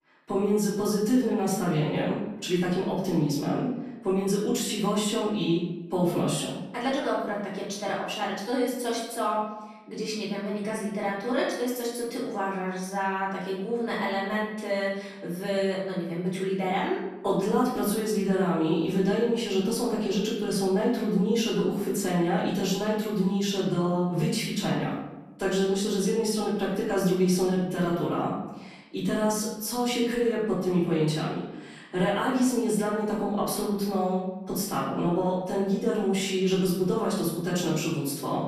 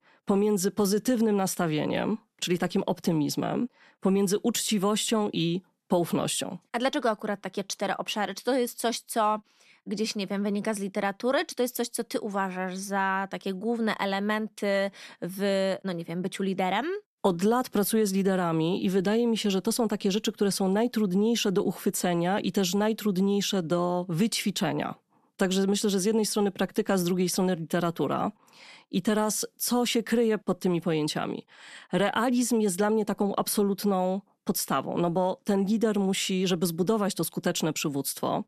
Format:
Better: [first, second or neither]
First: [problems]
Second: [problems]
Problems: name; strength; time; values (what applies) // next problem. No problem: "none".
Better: second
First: room echo; noticeable; dies away in 0.9 s // off-mic speech; far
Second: none